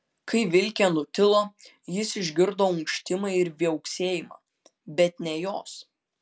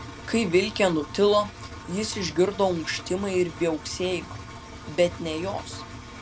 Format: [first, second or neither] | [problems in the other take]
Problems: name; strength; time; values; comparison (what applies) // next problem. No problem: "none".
first | background sound (Engine); 13 dB below the speech